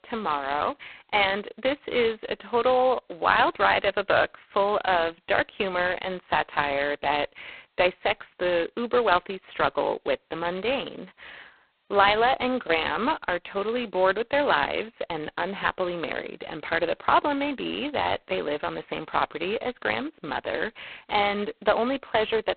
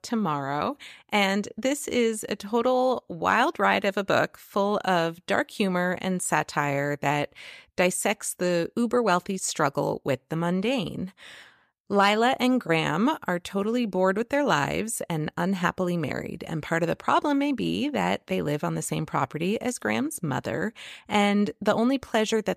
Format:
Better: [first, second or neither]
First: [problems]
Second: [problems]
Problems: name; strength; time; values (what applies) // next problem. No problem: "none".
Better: second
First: phone-call audio; poor line; nothing above 4 kHz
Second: none